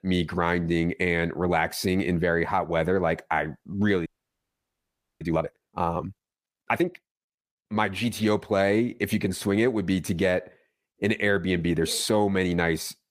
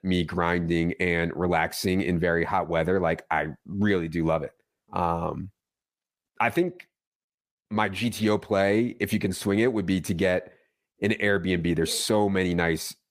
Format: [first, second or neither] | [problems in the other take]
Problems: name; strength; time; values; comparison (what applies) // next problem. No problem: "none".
second | audio freezing; at 4 s for 1 s